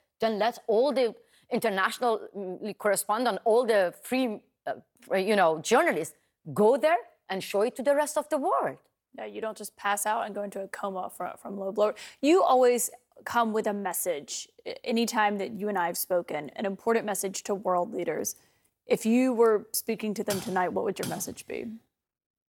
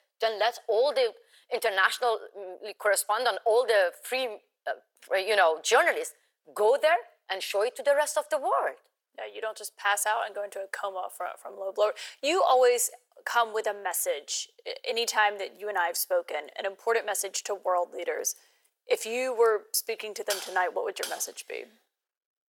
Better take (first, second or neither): first